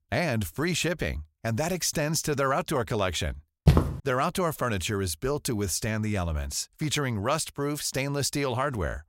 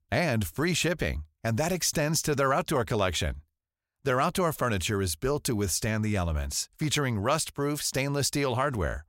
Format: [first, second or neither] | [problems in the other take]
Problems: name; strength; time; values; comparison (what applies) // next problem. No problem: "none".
second | footsteps; loud; at 3.5 s; peak 5 dB above the speech